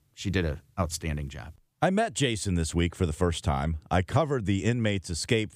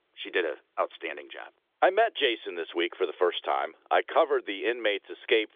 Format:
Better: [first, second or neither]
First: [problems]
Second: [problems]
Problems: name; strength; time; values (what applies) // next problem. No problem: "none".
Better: first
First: none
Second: phone-call audio; nothing above 3.5 kHz